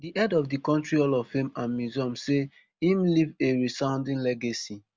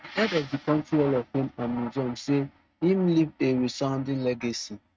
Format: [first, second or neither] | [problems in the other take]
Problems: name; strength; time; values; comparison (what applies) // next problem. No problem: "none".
first | noise reduction (neural mask model RNNoise)